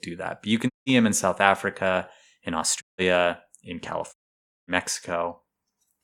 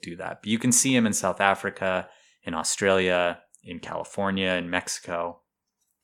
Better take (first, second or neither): second